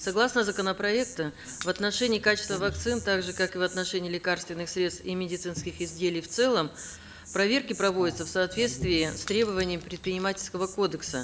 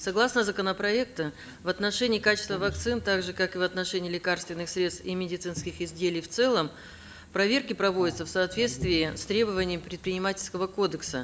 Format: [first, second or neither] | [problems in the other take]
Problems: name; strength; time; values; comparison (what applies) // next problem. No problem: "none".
second | background sound (Insect + Shatter / Crushing); 17 dB below the speech